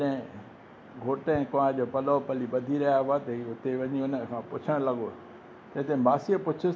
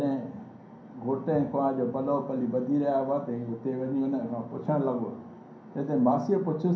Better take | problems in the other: first | room echo; dies away in 0.6 s

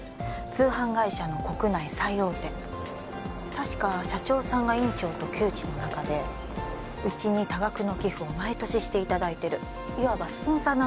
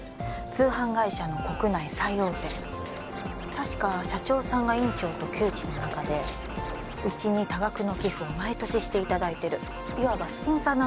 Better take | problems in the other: first | background sound (Tearing + Scratching (performance technique)); 17 dB below the speech

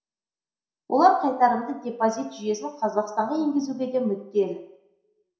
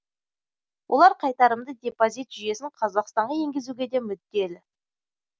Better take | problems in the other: second | room echo; dies away in 0.7 s

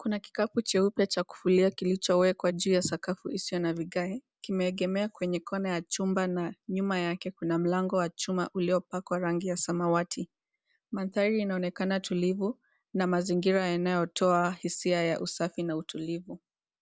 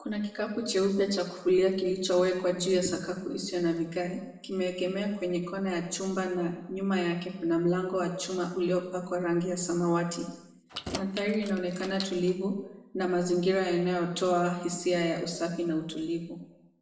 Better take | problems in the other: first | background sound (Keys jangling); 13 dB below the speech // room echo; dies away in 0.8 s

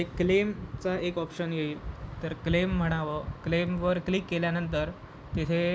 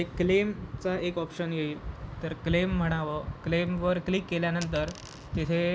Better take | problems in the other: first | background sound (Coin (dropping)); 19 dB below the speech

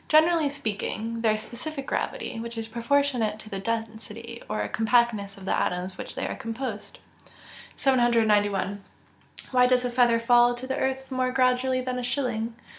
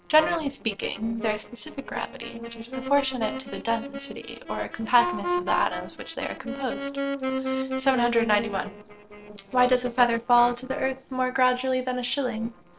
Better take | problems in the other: first | noise reduction (neural separator model SepFormer DNS4)

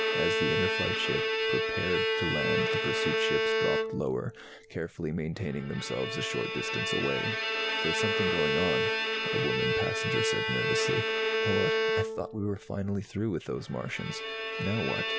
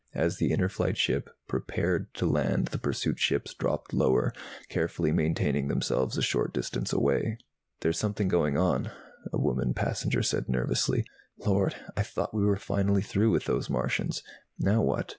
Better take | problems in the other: second | background sound (Bowed string instrument); 4 dB above the speech

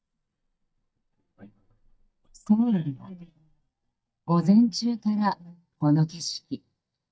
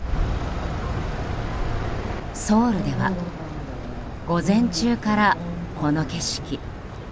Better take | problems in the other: second | noise reduction (neural mask model DeepFilterNet 3)

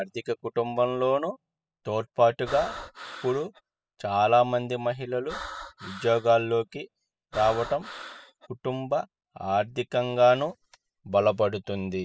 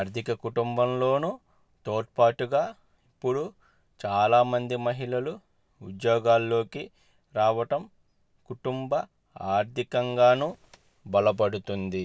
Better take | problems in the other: second | noise reduction (classical method spectral subtraction)

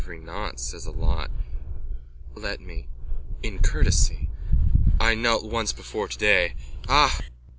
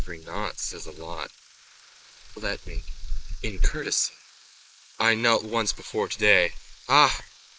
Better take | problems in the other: first | noise reduction (neural mask model Resemble Enhance denoiser)

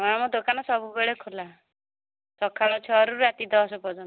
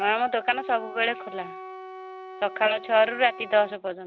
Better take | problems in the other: first | background sound (Wind instrument, woodwind instrument); 14 dB below the speech

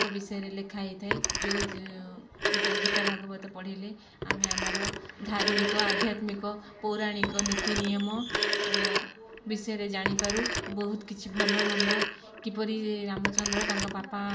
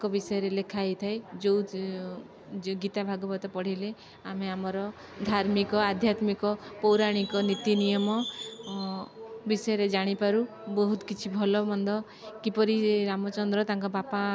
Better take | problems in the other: second | background sound (Telephone); 2 dB above the speech // room echo; dies away in 0.4 s

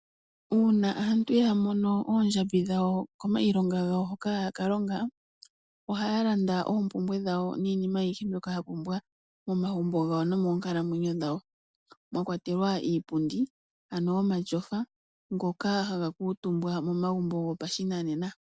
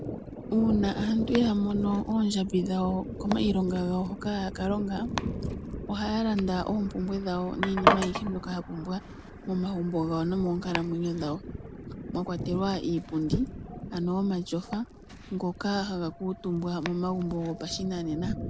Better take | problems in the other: first | background sound (Thunder + Domestic sounds, home sounds); 6 dB below the speech

